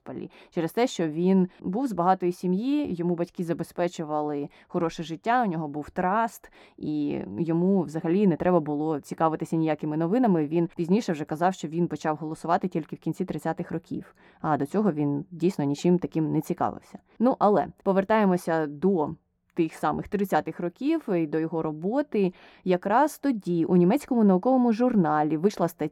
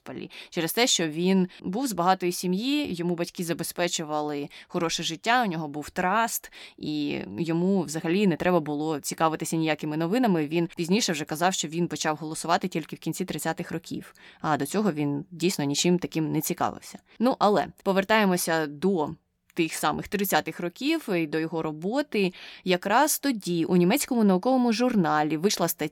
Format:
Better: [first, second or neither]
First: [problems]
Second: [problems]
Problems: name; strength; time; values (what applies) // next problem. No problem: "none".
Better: second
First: muffled; very; fading above 2 kHz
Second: none